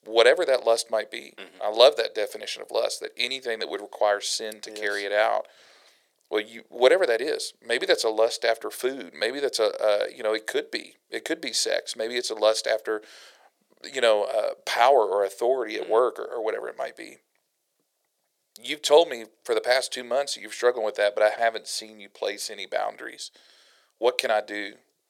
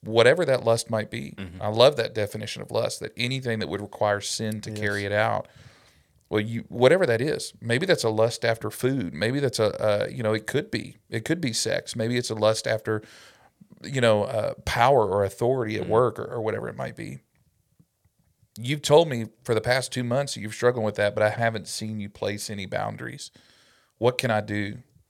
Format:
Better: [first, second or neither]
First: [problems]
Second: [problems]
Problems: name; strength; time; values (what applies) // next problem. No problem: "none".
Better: second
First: thin; very; fading below 350 Hz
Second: none